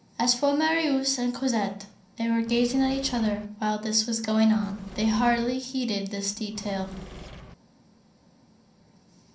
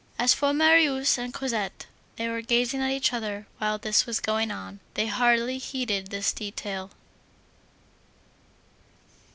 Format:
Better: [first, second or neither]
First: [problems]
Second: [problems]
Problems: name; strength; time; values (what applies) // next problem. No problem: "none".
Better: second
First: background sound (Engine / Mechanisms); 15 dB below the speech // room echo; dies away in 0.6 s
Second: none